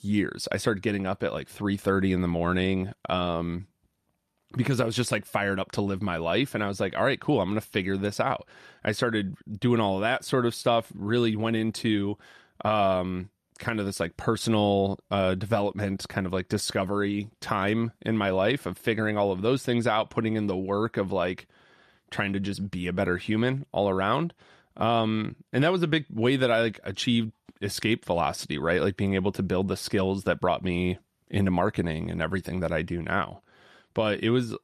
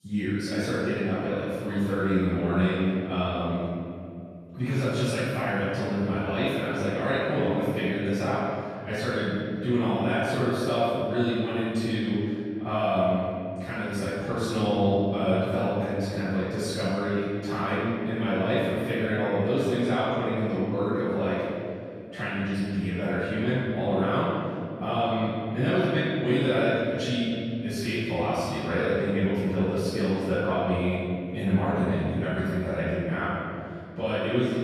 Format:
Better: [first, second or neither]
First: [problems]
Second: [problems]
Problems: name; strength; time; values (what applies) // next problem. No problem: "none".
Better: first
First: none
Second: off-mic speech; far // room echo; strong; dies away in 2.4 s